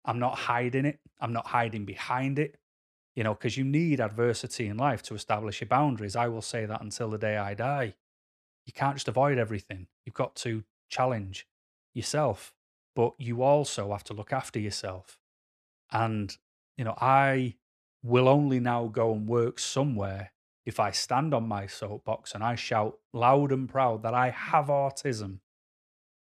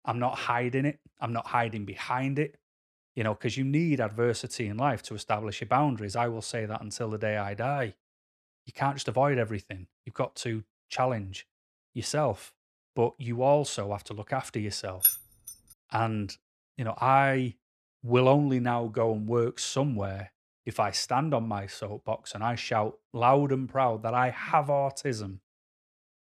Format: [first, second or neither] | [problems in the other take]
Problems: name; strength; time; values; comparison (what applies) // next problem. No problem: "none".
first | jangling keys; loud; at 15 s; peak 5 dB above the speech